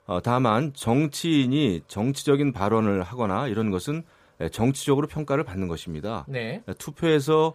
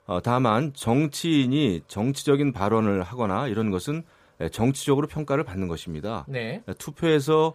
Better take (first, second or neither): neither